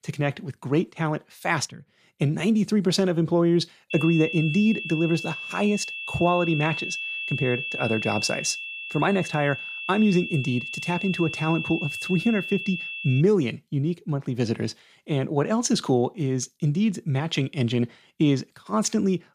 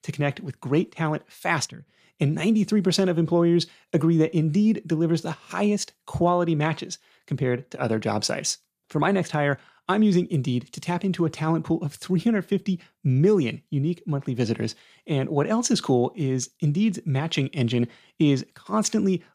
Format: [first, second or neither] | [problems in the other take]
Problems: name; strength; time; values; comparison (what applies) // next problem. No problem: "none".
second | high-pitched whine; loud; from 4 to 13 s; 2.5 kHz, 6 dB below the speech